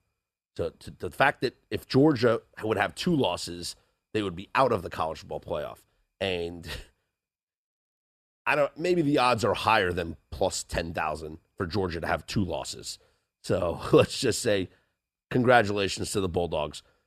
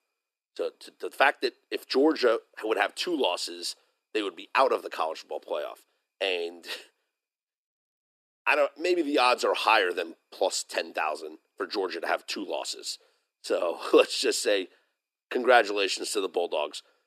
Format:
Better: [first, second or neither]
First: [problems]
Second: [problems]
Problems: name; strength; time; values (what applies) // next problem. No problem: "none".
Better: first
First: none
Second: thin; somewhat; fading below 300 Hz